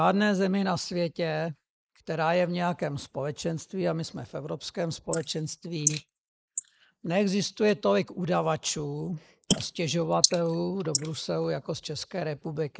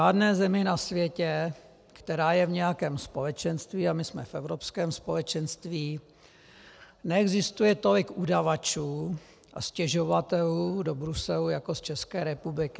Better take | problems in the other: second | noise reduction (neural mask model Resemble Enhance denoiser)

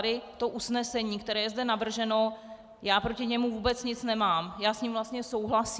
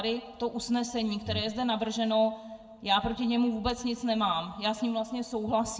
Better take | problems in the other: first | background sound (Breathing); 9 dB below the speech // room echo; dies away in 0.7 s

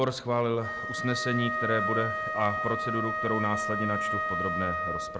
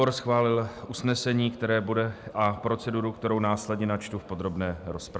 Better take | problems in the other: second | background sound (Wind instrument, woodwind instrument); 1 dB below the speech

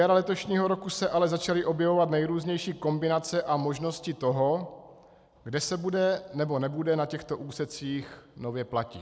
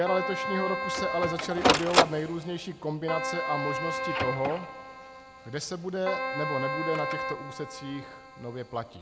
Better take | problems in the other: first | background sound (Printer + Keyboard (musical)); 1 dB above the speech

